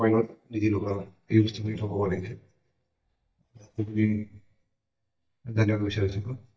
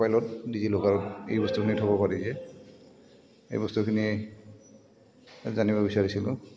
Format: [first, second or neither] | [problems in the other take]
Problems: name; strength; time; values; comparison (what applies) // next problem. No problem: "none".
second | noise reduction (neural mask model DeepFilterNet 3)